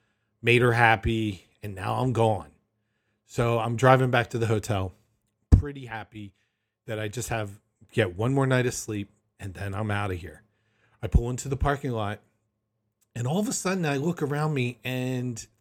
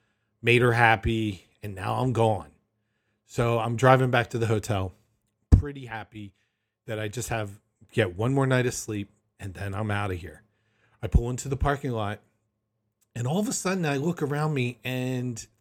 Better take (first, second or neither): neither